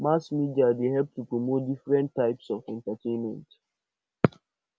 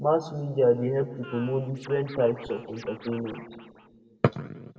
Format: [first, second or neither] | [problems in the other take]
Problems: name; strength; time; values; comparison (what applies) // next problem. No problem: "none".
first | background sound (Scratching (performance technique)); 18 dB below the speech // room echo; dies away in 1.4 s